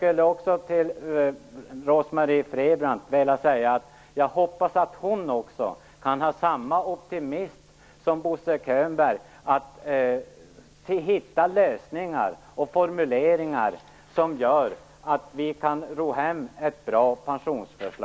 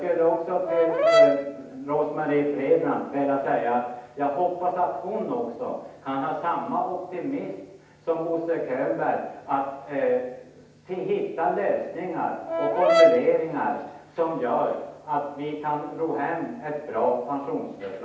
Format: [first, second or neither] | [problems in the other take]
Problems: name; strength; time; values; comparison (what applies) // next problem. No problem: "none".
first | background sound (Brass instrument); 4 dB above the speech // room echo; dies away in 0.9 s